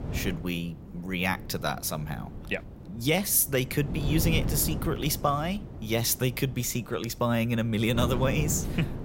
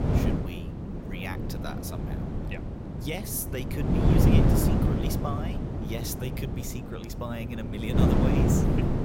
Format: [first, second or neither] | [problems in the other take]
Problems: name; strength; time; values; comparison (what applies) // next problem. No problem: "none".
first | wind noise on the microphone; heavy; 4 dB above the speech; occasional gusts in the first